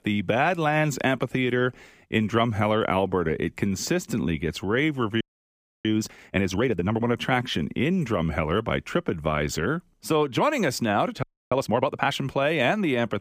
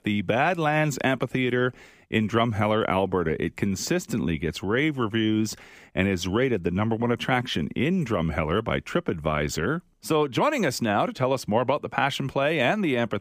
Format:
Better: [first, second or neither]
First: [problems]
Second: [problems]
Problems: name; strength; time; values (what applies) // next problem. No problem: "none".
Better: second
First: audio freezing; at 5 s for 0.5 s and at 11 s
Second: none